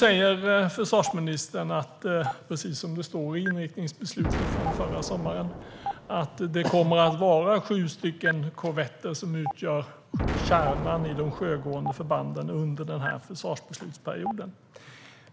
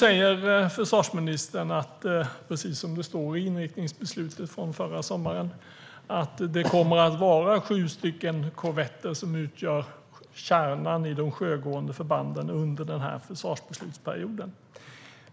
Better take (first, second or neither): second